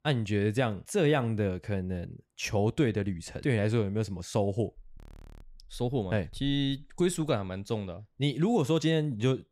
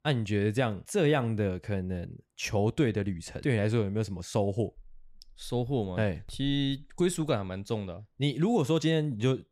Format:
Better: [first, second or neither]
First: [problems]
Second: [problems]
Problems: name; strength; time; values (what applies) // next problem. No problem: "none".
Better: second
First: audio freezing; at 5 s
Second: none